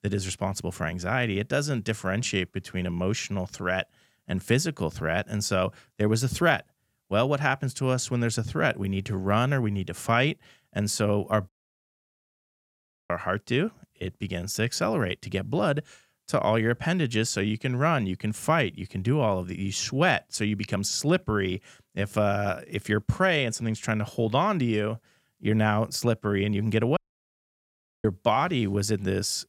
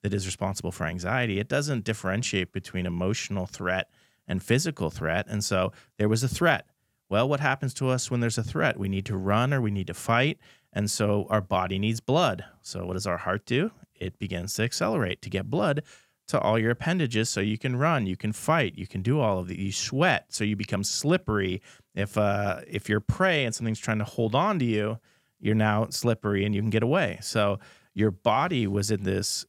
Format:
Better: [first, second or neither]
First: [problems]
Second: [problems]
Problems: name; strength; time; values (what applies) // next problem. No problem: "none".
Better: second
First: audio cutting out; at 11 s for 1.5 s and at 27 s for 1 s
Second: none